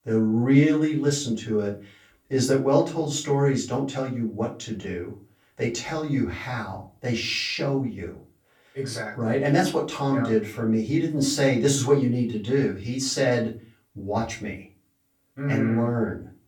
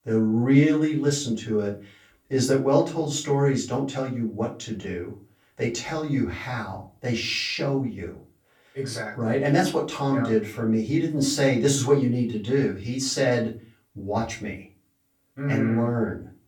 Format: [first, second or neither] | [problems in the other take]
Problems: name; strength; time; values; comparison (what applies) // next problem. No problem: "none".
neither | room echo; slight; dies away in 0.3 s; the same in both // off-mic speech; far; the same in both